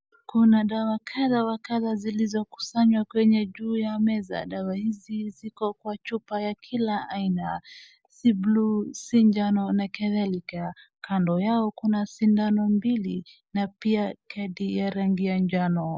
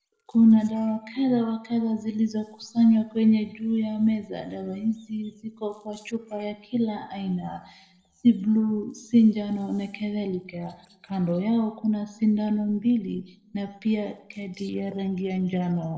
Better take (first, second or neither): first